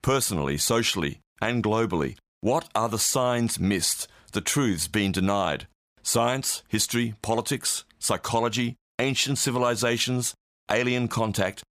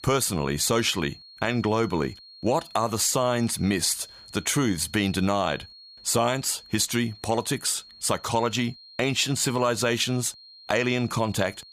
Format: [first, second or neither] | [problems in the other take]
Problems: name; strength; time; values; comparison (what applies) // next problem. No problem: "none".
first | high-pitched whine; faint; throughout; 4.5 kHz, 20 dB below the speech